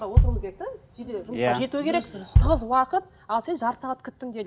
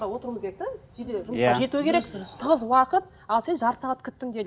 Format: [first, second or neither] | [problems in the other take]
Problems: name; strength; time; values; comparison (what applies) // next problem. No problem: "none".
second | background sound (Bass drum); 1 dB above the speech